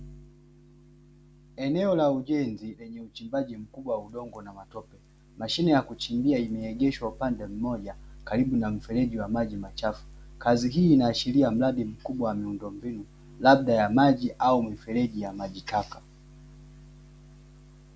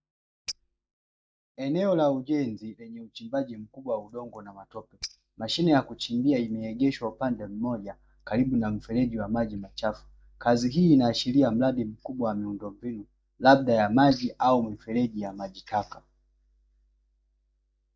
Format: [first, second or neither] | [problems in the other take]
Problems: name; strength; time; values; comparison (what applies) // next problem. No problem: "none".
first | noise reduction (neural mask model DeepFilterNet 3)